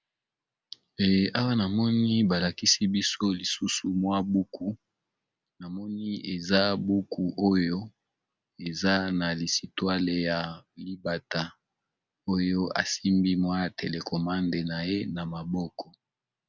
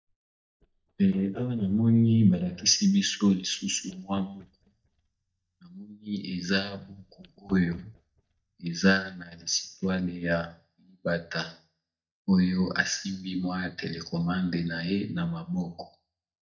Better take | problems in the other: first | noise reduction (neural mask model DeepFilterNet 3)

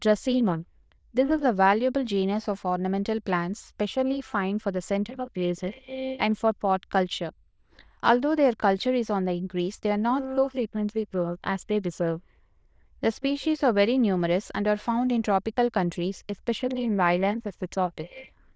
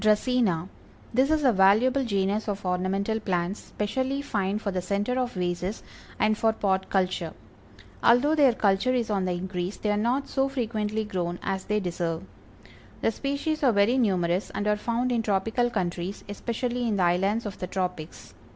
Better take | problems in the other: second | noise reduction (neural diffusion model UNIVERSE++)

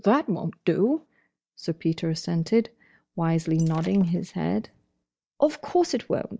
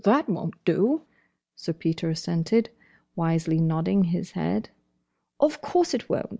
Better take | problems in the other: second | noise reduction (neural mask model DeepFilterNet 3)

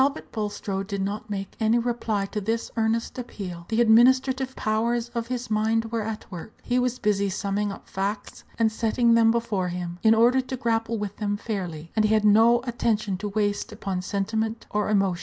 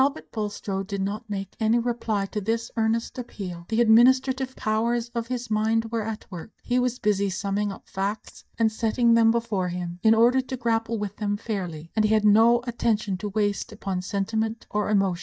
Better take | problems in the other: first | noise reduction (neural mask model DeepFilterNet 3)

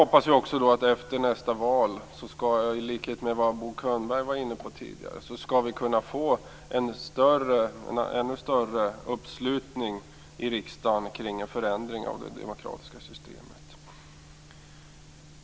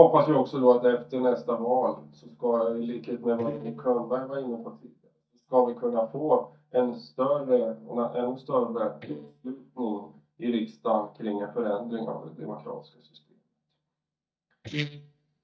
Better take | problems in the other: first | noise reduction (neural mask model DeepFilterNet 3)

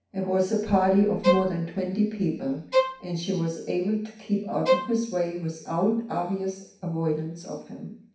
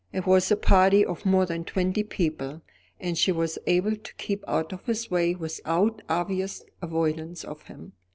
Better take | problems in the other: second | background sound (Bowed string instrument); 3 dB below the speech // room echo; dies away in 0.6 s

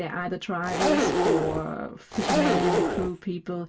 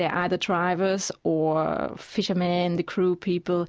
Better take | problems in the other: second | background sound (Zipper (clothing)); 5 dB above the speech // room echo; dies away in 0.1 s

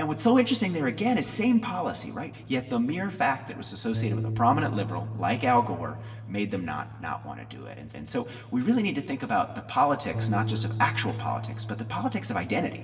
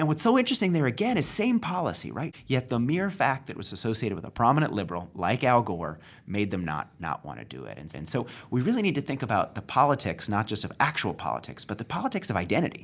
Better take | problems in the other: second | background sound (Bass guitar); 8 dB below the speech // room echo; dies away in 1.5 s

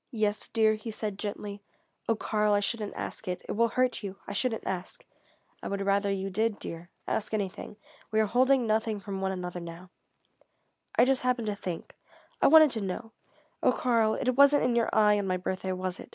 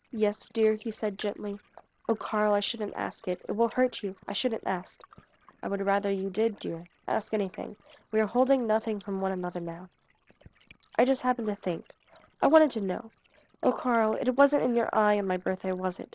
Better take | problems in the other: first | noise reduction (neural separator model SepFormer DNS4)

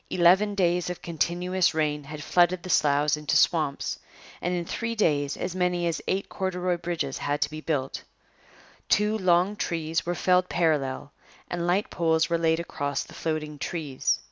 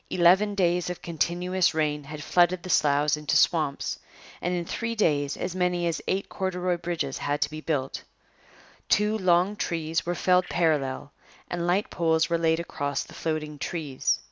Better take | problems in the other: first | background sound (Bird); 20 dB below the speech

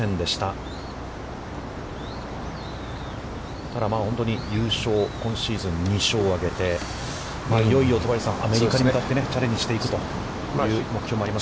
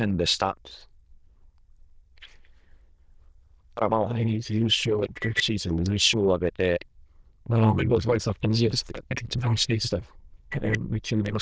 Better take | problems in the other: first | noise reduction (neural diffusion model UNIVERSE++)

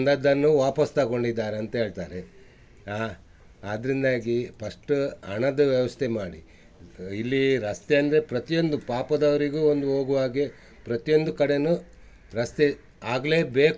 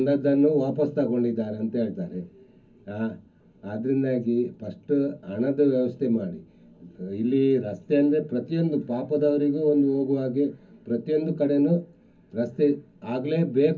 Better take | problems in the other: first | room echo; dies away in 0.4 s

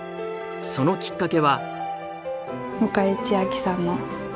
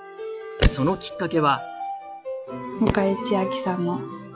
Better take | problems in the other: first | noise reduction (classical method log-MMSE)

